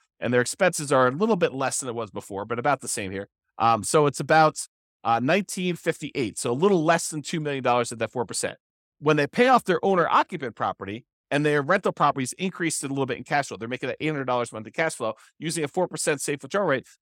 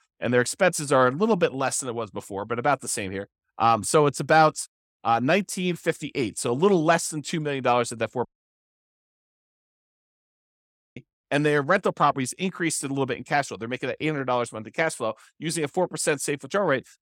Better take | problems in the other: first | audio cutting out; at 8.5 s for 2.5 s

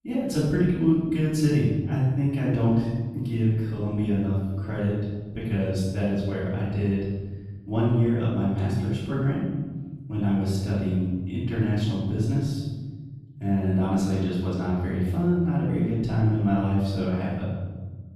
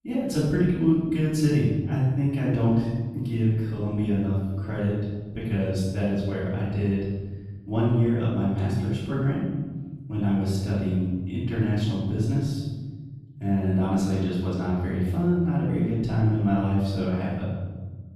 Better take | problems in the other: neither | room echo; strong; dies away in 1.5 s; the same in both // off-mic speech; far; the same in both

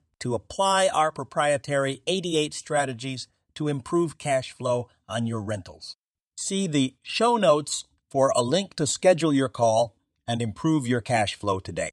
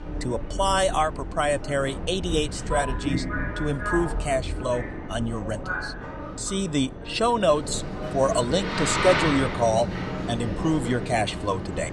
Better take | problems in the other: first | train or aircraft noise; loud; throughout; 5 dB below the speech

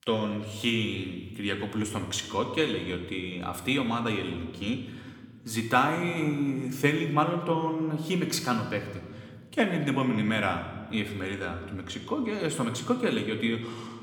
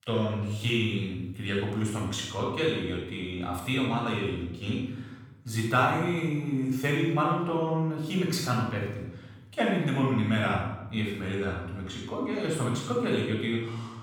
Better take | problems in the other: first | room echo; strong; dies away in 0.9 s; slight in the first // off-mic speech; far

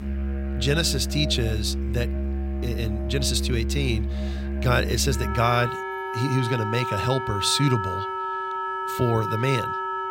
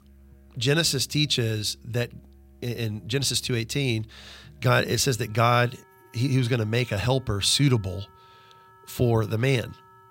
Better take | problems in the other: second | background music; loud; throughout; 3 dB below the speech; faint in the second

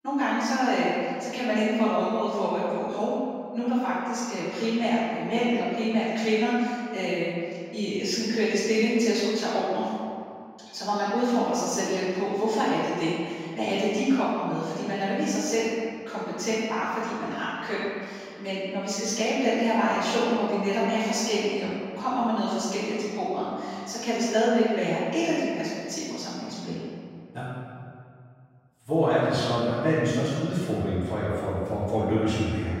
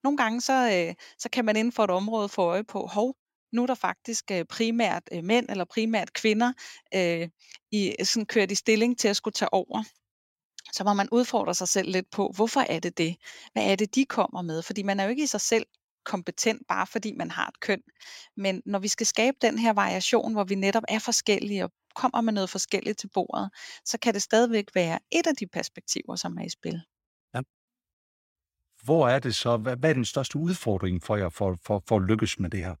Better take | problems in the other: second | room echo; strong; dies away in 2.1 s // off-mic speech; far

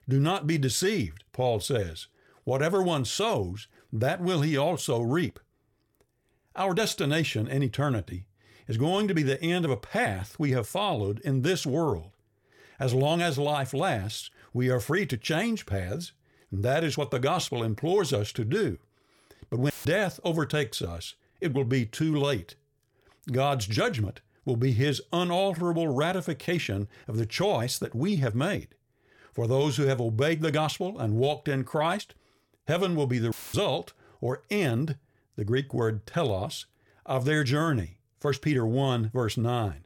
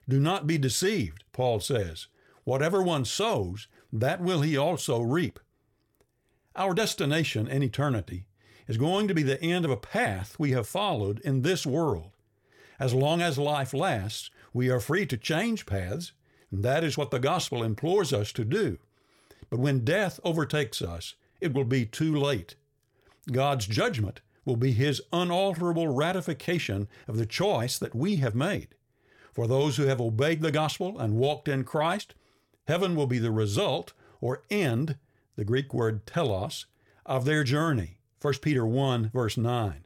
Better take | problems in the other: second | audio cutting out; filled with static; at 20 s and at 33 s

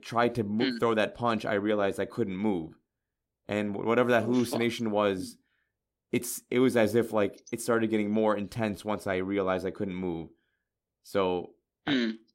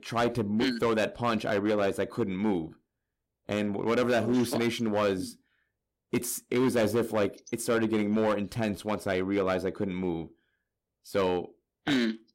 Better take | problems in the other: first | distortion; slight; 6% of the sound clipped

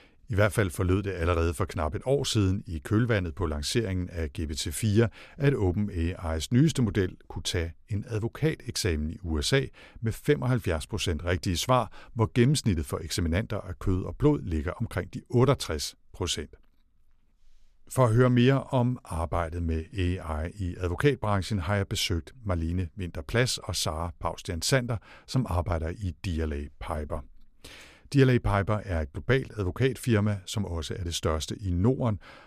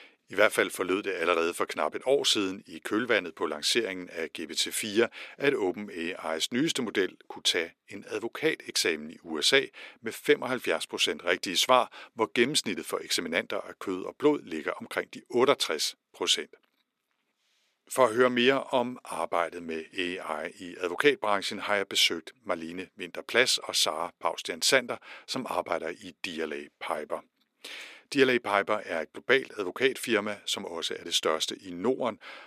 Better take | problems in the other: first | thin; somewhat; fading below 300 Hz

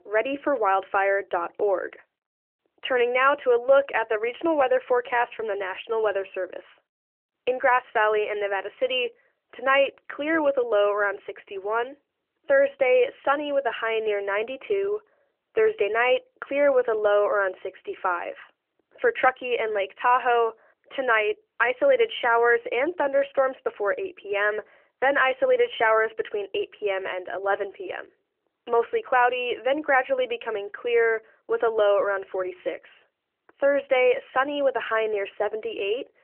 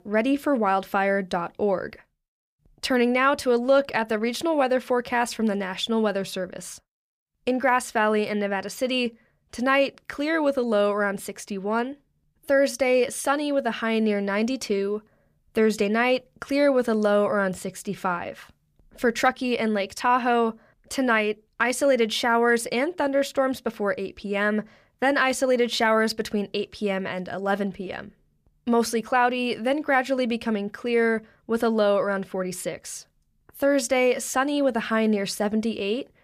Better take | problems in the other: second | phone-call audio; nothing above 3 kHz

